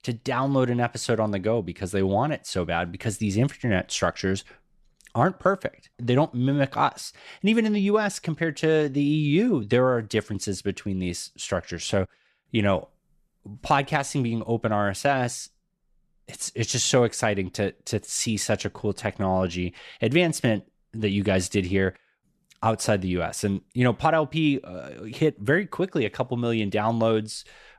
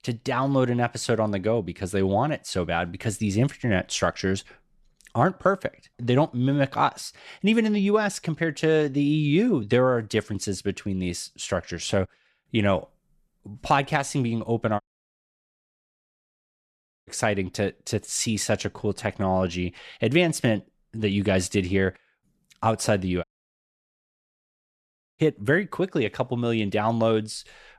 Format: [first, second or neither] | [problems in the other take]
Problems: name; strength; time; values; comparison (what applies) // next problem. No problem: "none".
first | audio cutting out; at 15 s for 2.5 s and at 23 s for 2 s